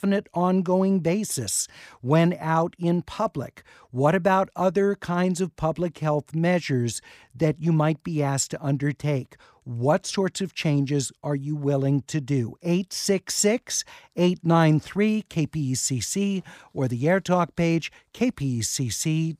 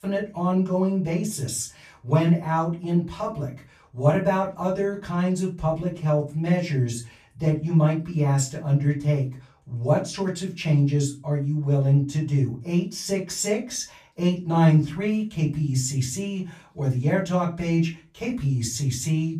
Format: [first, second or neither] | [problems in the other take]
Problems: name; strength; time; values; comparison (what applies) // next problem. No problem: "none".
first | off-mic speech; far // room echo; very slight; dies away in 0.3 s